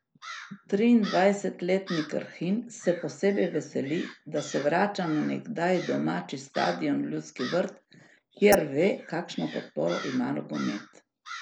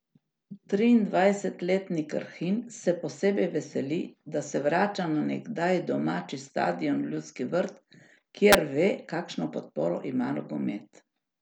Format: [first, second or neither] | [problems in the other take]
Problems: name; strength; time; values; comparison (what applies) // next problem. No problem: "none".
second | noise reduction (neural mask model Resemble Enhance denoiser)